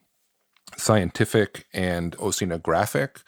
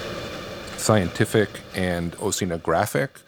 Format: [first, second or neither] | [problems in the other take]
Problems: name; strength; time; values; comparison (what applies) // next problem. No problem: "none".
first | hiss; noticeable; throughout; 15 dB below the speech